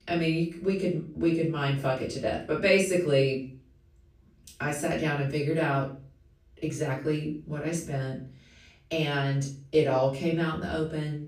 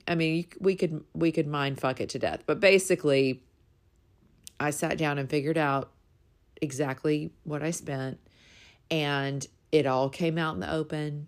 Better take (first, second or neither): second